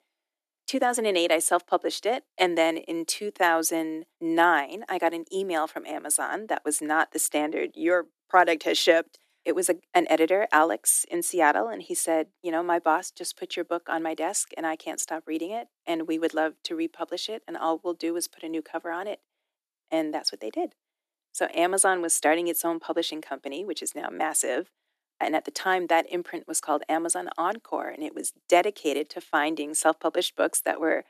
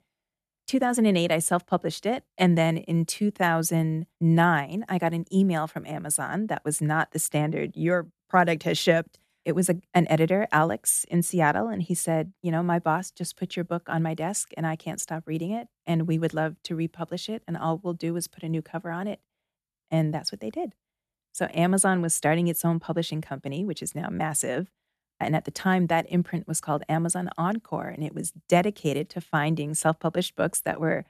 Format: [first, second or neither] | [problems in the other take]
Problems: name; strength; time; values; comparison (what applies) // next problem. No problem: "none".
second | thin; very; fading below 300 Hz